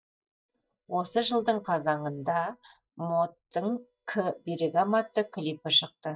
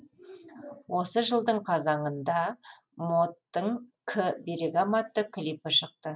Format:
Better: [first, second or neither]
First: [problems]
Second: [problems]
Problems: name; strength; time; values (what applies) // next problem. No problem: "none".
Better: second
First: noise reduction (neural mask model DeepFilterNet 3)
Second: none